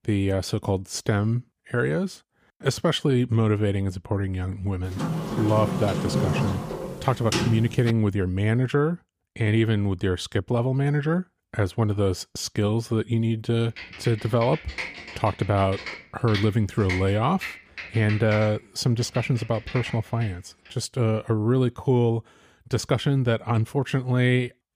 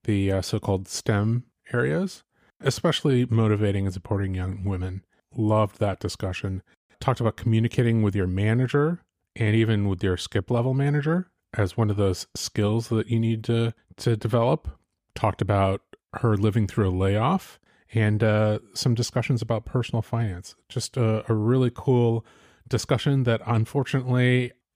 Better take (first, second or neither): second